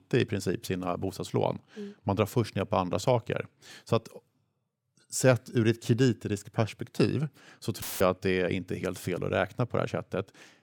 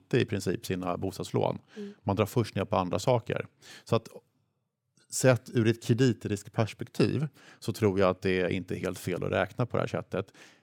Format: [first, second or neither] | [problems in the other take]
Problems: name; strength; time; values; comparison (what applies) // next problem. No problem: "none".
second | audio cutting out; filled with static; at 8 s